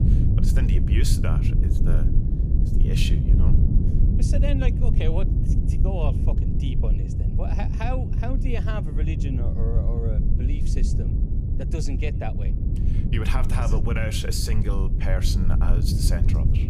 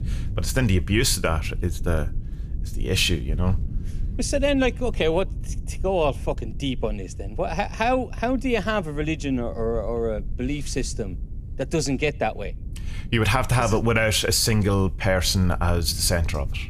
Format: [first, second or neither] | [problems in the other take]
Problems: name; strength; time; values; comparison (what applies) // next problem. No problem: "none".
second | low rumble; loud; throughout; 3 dB below the speech; faint in the second